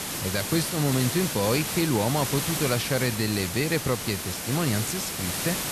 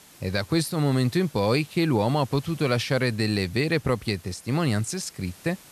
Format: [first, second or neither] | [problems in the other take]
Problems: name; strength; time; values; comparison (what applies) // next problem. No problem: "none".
second | hiss; loud; throughout; 2 dB below the speech; faint in the second